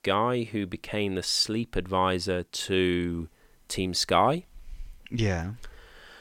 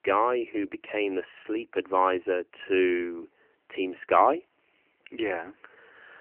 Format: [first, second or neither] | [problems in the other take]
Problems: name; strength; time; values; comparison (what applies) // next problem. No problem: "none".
first | phone-call audio; nothing above 3 kHz